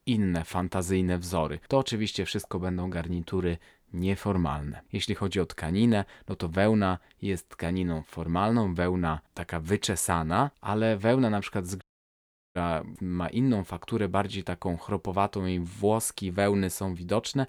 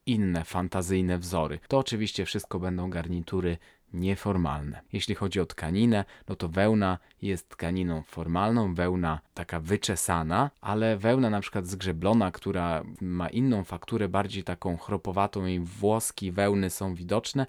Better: second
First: audio cutting out; at 12 s for 0.5 s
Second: none

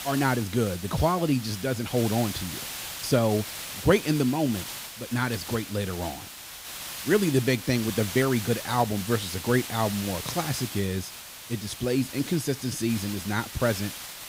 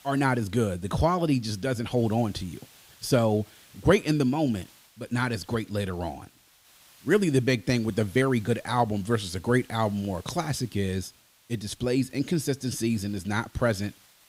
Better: second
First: hiss; loud; throughout; 9 dB below the speech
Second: hiss; faint; throughout; 25 dB below the speech

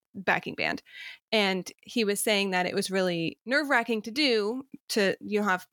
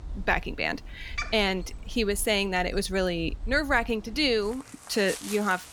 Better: first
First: none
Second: animal sounds; noticeable; throughout; 15 dB below the speech

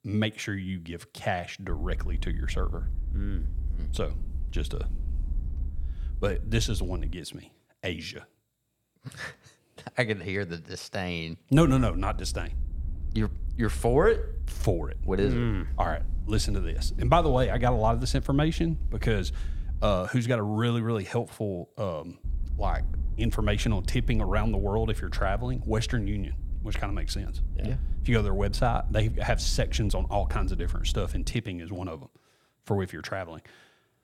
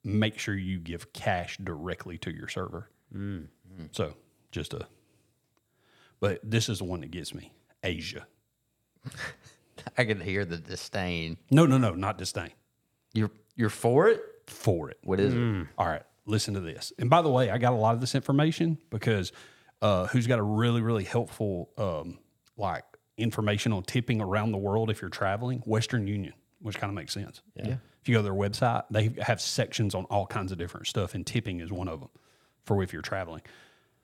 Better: second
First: low rumble; faint; from 1.5 to 7 s, from 12 to 20 s and from 22 to 31 s; 20 dB below the speech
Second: none

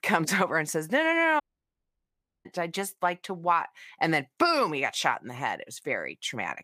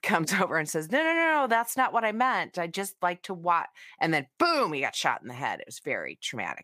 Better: second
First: audio cutting out; at 1.5 s for 1 s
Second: none

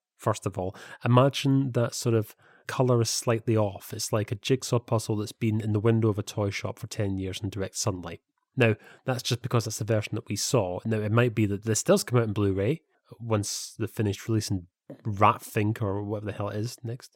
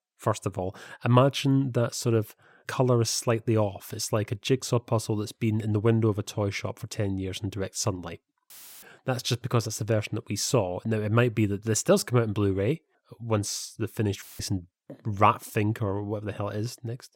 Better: first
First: none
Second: audio cutting out; filled with static; at 8.5 s and at 14 s

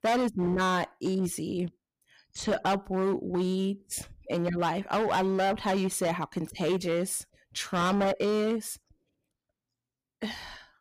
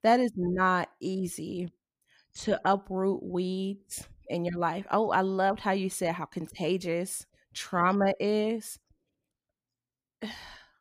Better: second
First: distortion; heavy; 11% of the sound clipped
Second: none

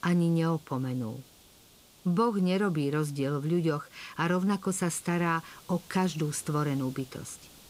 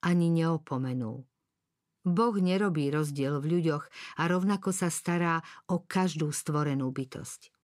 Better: second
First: hiss; faint; throughout; 25 dB below the speech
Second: none

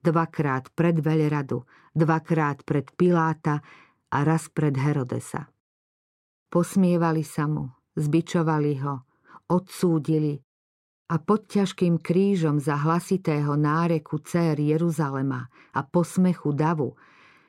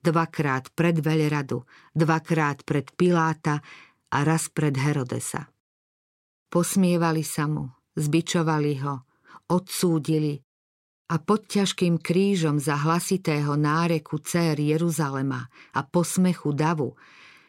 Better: second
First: muffled; slightly; fading above 2 kHz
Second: none

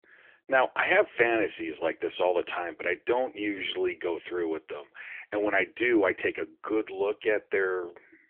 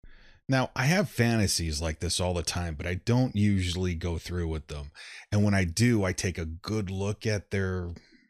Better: second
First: phone-call audio; nothing above 3.5 kHz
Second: none

